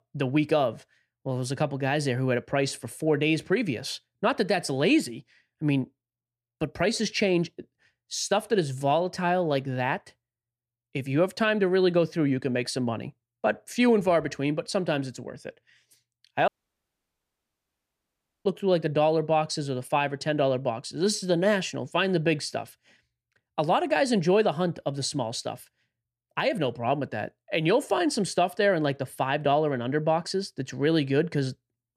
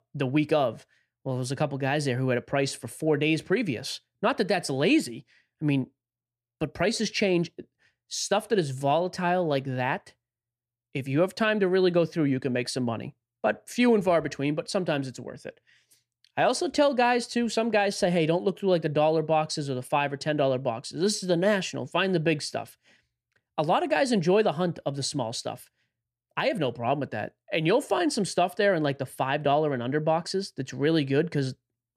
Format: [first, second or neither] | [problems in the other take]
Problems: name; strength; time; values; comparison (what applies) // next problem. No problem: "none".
second | audio cutting out; at 16 s for 2 s